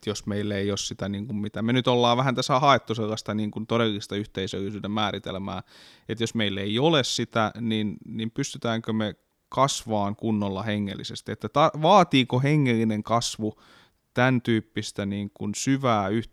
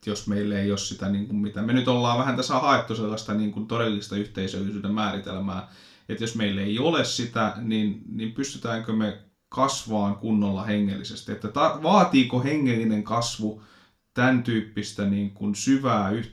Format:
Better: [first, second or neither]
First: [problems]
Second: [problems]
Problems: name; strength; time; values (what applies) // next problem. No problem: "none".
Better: first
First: none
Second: room echo; very slight; dies away in 0.3 s // off-mic speech; somewhat distant